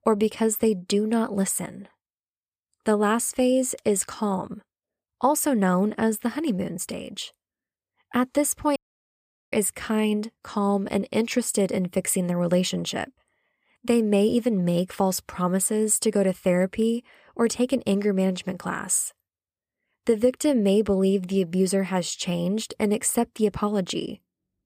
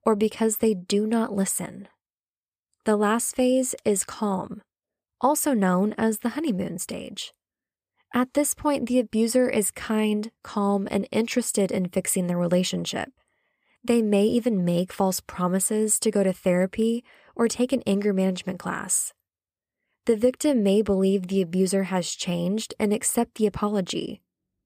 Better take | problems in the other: second | audio cutting out; at 9 s for 1 s

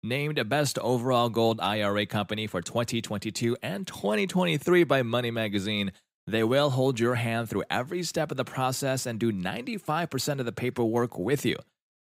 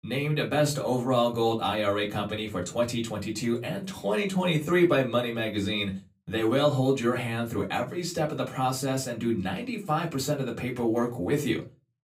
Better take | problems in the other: first | off-mic speech; far // room echo; very slight; dies away in 0.2 s

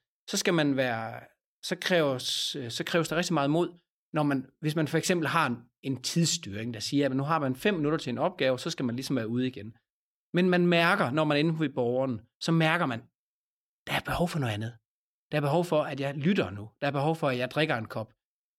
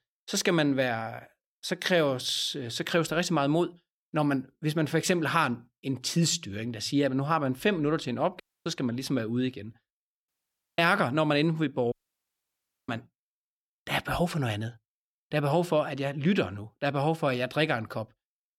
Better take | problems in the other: first | audio cutting out; at 8.5 s, at 10 s for 0.5 s and at 12 s for 1 s

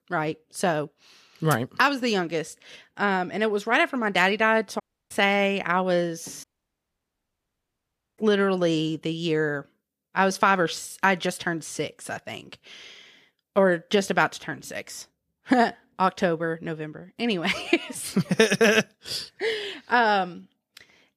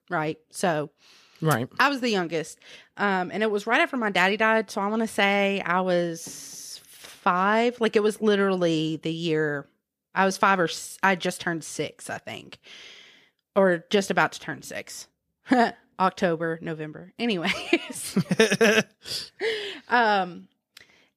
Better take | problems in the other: second | audio cutting out; at 5 s and at 6.5 s for 1.5 s

